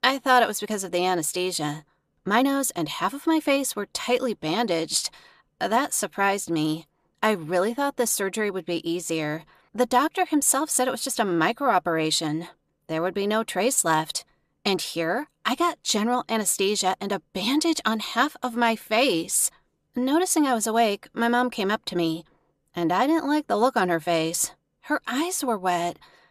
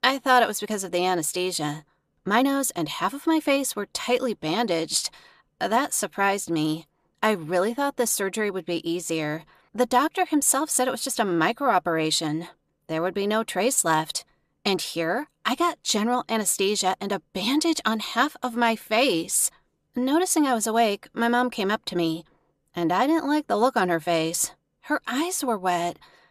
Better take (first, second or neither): neither